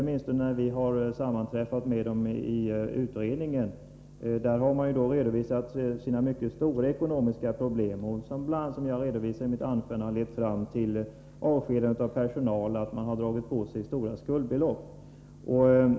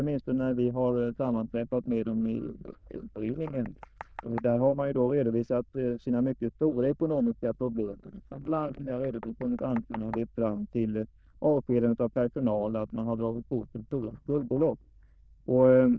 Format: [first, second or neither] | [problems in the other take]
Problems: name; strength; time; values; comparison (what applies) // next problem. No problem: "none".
first | noise reduction (neural diffusion model UNIVERSE++)